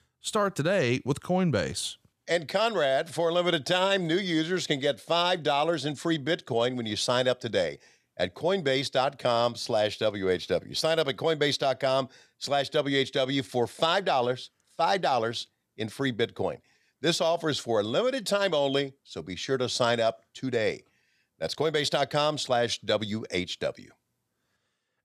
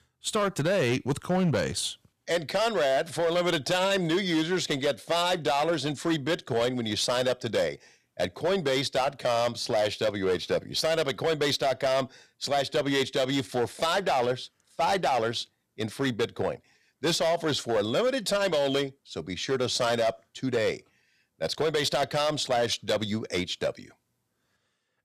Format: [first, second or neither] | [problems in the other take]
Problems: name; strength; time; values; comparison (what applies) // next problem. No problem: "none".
first | distortion; slight; 9% of the sound clipped